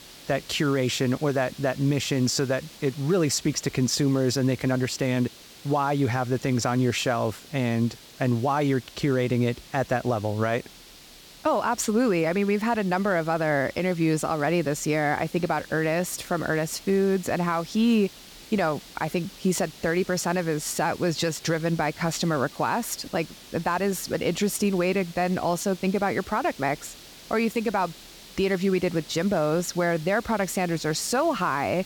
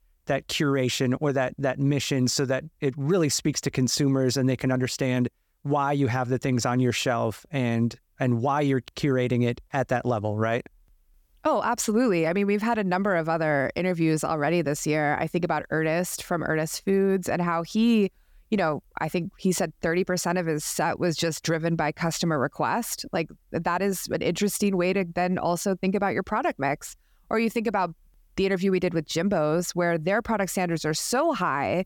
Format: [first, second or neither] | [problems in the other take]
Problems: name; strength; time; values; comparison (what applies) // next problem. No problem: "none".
second | hiss; noticeable; throughout; 20 dB below the speech